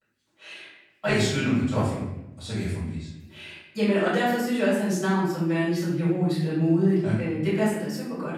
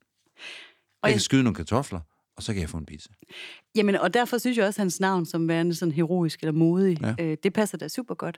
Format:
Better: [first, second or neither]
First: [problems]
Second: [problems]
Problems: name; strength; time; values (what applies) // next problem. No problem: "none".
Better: second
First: off-mic speech; far // room echo; noticeable; dies away in 0.9 s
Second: none